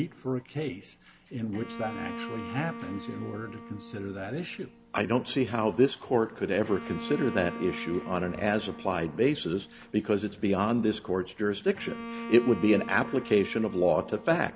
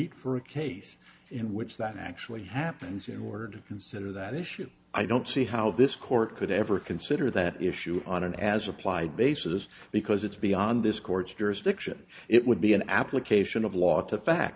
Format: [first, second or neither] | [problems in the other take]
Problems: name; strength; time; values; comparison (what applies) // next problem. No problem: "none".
second | background sound (Bowed string instrument); 14 dB below the speech